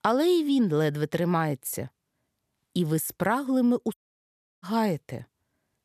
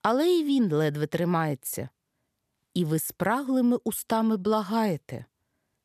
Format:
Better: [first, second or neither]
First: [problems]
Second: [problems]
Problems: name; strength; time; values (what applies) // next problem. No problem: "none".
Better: second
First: audio cutting out; at 4 s for 0.5 s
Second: none